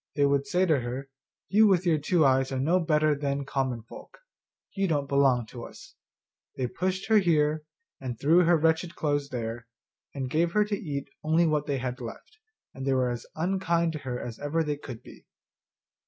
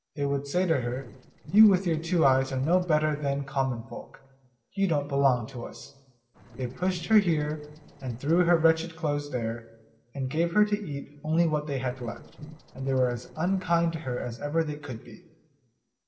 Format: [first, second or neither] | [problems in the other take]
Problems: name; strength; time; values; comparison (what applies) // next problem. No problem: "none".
first | noise reduction (neural separator model SepFormer DNS4)